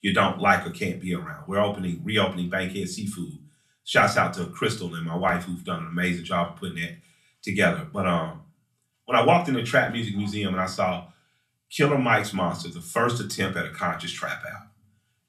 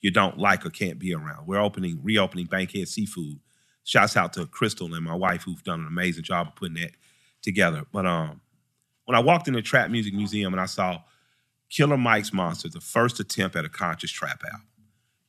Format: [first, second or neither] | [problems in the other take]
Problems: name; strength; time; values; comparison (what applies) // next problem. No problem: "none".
second | off-mic speech; far // room echo; very slight; dies away in 0.2 s